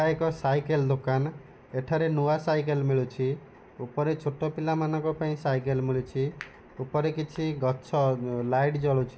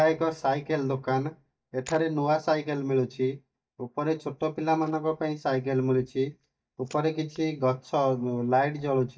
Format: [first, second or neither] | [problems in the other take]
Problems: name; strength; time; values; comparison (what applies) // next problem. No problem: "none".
first | noise reduction (neural mask model DeepFilterNet 3)